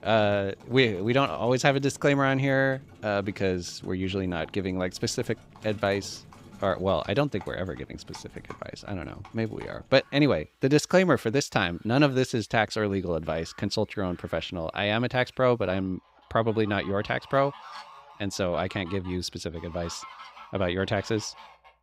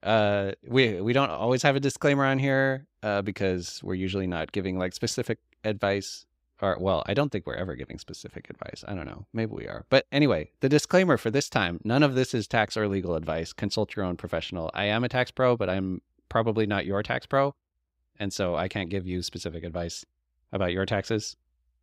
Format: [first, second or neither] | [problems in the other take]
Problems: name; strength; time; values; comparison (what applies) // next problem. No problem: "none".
second | animal sounds; faint; throughout; 20 dB below the speech